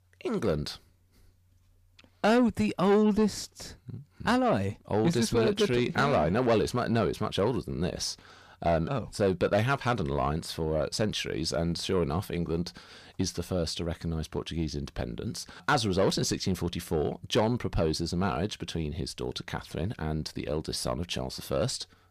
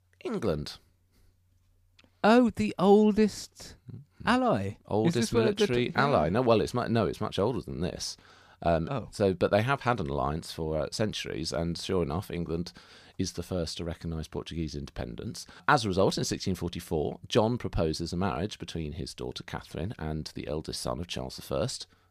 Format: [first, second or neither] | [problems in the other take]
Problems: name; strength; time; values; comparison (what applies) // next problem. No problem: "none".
second | distortion; slight; 10 dB below the speech